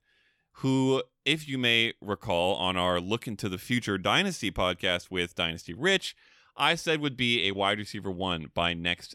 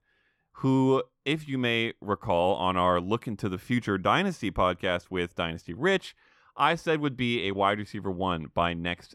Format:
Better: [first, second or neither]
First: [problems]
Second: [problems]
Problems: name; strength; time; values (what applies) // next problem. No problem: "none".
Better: first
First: none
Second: muffled; slightly; fading above 2 kHz